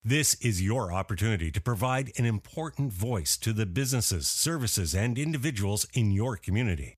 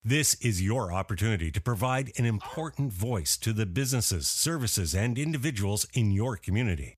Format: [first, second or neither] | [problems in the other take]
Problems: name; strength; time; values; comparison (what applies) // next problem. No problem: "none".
first | dog barking; faint; at 2.5 s; peak 15 dB below the speech